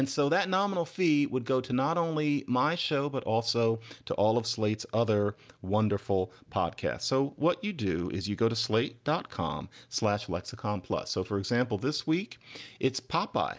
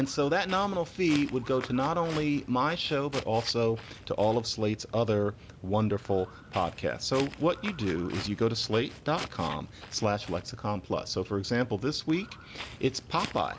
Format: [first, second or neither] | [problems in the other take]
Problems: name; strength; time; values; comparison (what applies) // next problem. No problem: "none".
first | background sound (Walk, footsteps); 15 dB below the speech